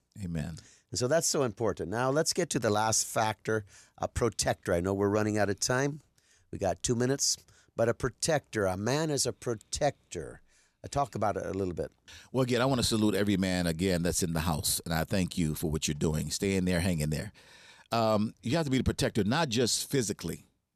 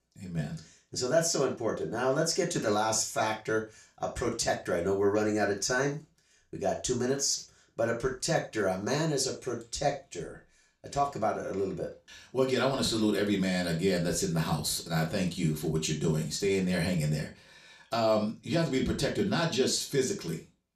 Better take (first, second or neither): first